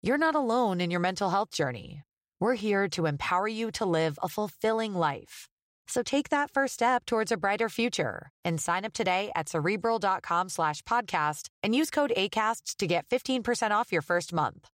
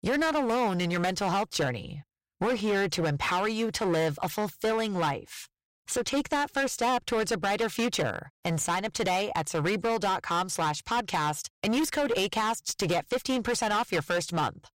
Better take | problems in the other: first | distortion; heavy; 19% of the sound clipped

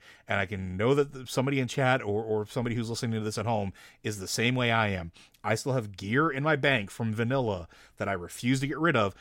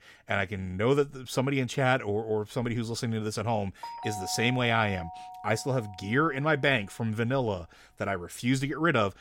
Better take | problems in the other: first | doorbell; noticeable; from 4 to 6.5 s; peak 9 dB below the speech

